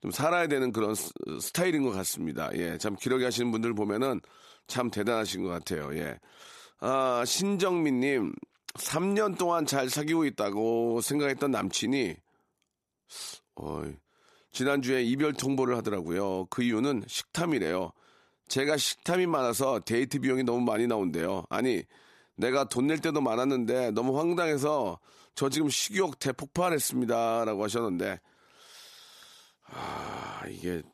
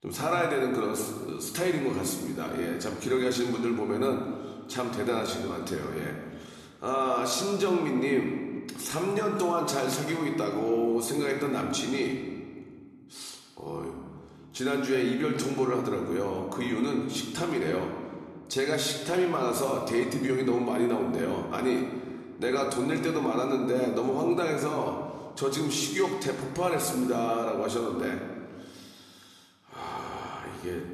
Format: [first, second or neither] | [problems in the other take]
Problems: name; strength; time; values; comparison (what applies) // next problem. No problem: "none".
first | room echo; slight; dies away in 1.5 s